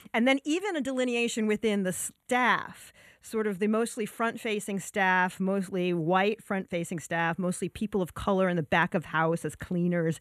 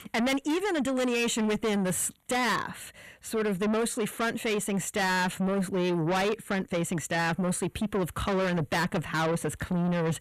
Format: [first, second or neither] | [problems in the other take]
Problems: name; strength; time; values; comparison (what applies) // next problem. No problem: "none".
first | distortion; heavy; 6 dB below the speech